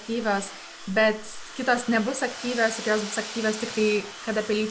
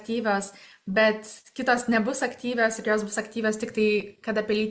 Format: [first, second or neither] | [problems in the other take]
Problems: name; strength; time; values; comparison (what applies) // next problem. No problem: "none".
second | background sound (Domestic sounds, home sounds); 12 dB below the speech